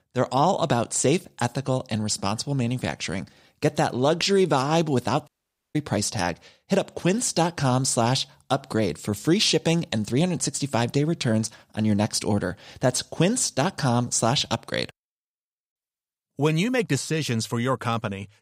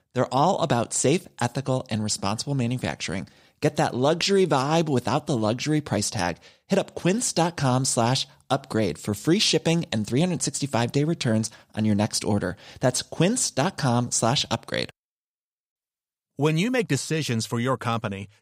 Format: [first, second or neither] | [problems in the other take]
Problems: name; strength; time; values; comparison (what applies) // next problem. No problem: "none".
second | audio cutting out; at 5.5 s